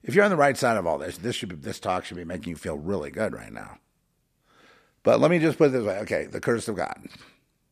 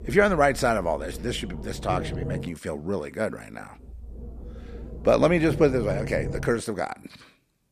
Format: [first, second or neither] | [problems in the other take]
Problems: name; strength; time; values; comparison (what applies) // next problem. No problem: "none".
first | low rumble; noticeable; until 2.5 s and from 4 to 6.5 s; 15 dB below the speech